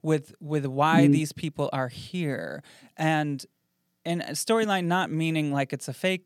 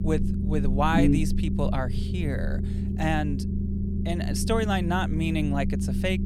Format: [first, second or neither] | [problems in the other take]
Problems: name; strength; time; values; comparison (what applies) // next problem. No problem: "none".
first | low rumble; loud; throughout; 9 dB below the speech